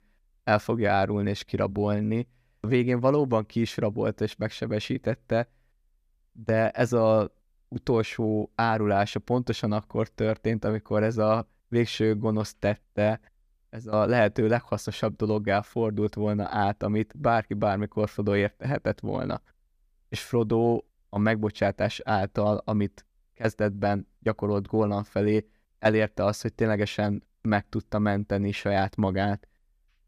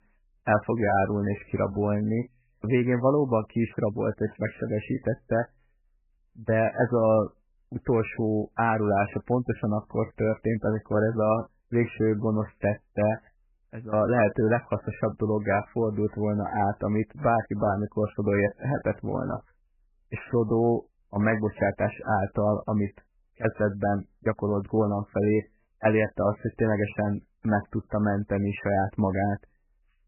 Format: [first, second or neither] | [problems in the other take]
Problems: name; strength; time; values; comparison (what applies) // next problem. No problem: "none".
first | garbled, watery; badly; nothing above 2.5 kHz